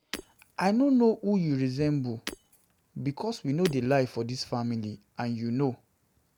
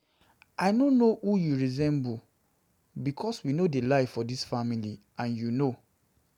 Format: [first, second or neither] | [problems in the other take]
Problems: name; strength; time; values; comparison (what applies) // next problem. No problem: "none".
second | background sound (Shatter); 18 dB below the speech